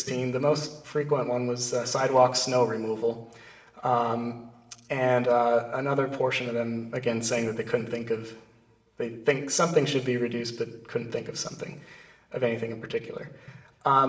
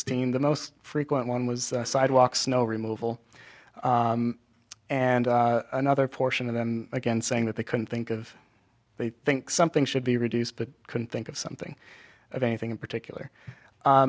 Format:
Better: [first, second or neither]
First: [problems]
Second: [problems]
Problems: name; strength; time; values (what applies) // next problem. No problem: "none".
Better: second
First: room echo; dies away in 0.9 s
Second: none